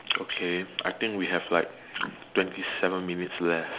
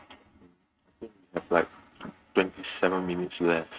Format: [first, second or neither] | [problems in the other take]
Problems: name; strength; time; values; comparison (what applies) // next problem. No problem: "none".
first | noise reduction (neural mask model RNNoise)